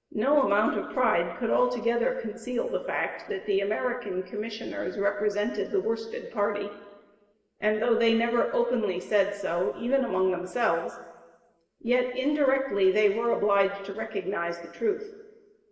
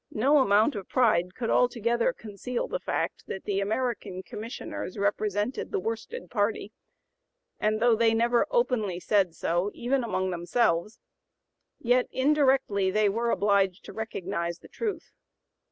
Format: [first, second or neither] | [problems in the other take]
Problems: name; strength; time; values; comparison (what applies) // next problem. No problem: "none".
second | room echo; dies away in 1.3 s